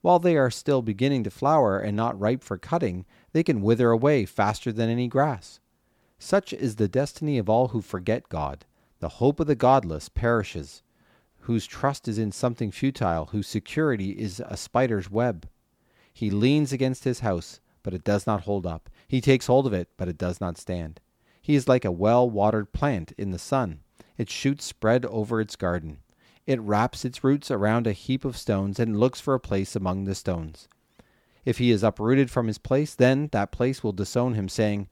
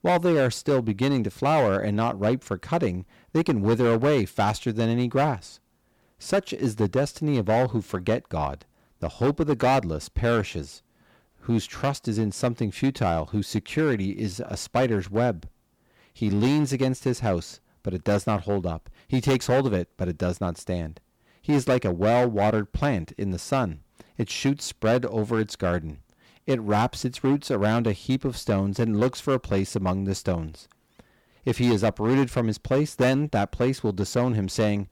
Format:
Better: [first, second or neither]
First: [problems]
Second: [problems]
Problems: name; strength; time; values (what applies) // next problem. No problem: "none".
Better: first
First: none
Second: distortion; slight; 7% of the sound clipped